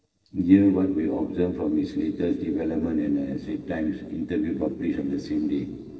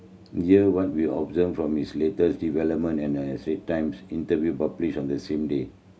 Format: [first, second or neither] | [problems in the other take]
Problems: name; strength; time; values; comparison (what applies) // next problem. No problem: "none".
second | noise reduction (neural separator model SepFormer DNS4)